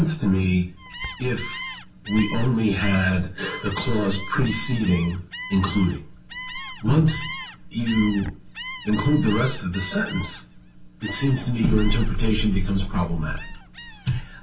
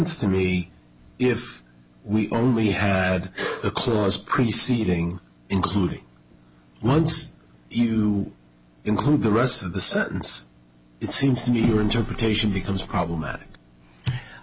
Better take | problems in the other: second | background sound (Gull, seagull); 14 dB below the speech // room echo; dies away in 0.3 s

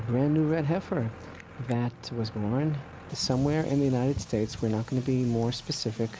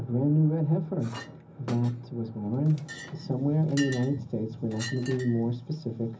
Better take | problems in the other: first | background sound (Chink, clink); 17 dB below the speech // room echo; dies away in 0.4 s

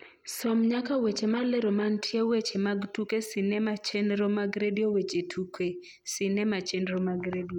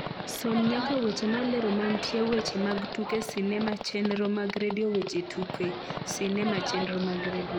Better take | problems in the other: first | background sound (Livestock, farm animals, working animals); 6 dB below the speech

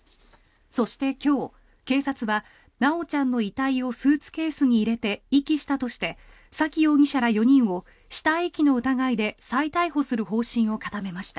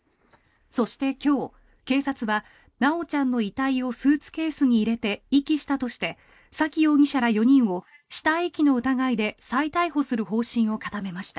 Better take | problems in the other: first | noise reduction (neural mask model Resemble Enhance denoiser)

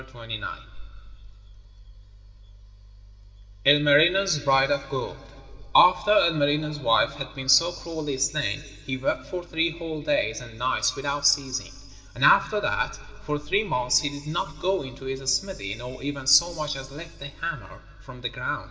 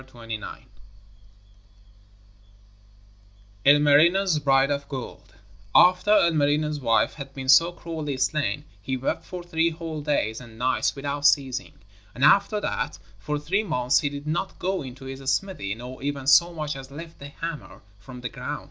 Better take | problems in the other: second | room echo; dies away in 2.2 s

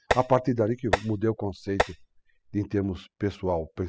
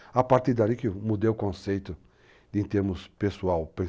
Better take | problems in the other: second | noise reduction (classical method spectral subtraction)

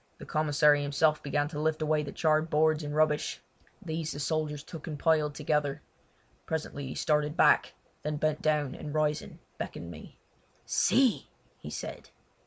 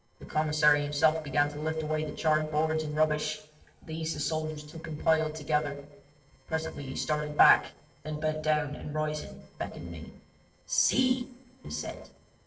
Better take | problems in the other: first | noise reduction (neural separator model SepFormer DNS4)

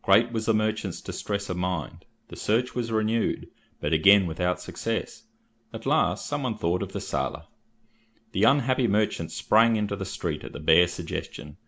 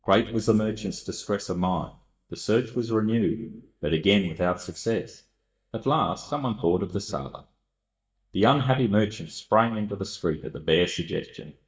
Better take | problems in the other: first | noise reduction (neural mask model DeepFilterNet 3)

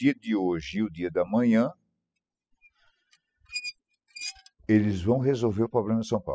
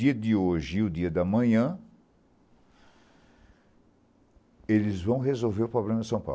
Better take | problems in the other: second | noise reduction (classical method spectral subtraction)

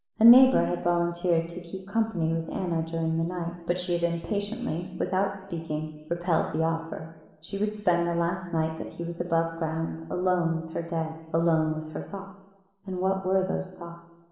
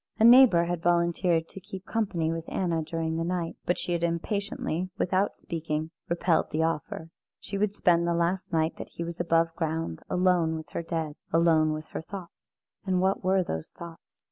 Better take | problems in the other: second | room echo; dies away in 1.1 s

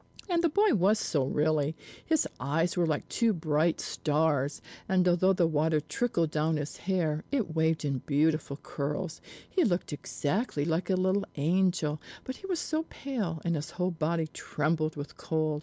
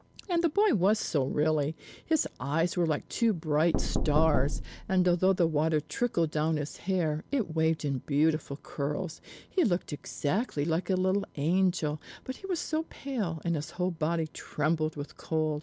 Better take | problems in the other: first | background sound (Knock); 1 dB below the speech

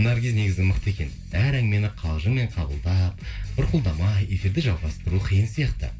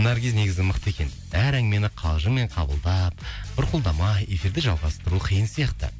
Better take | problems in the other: second | room echo; dies away in 0.2 s

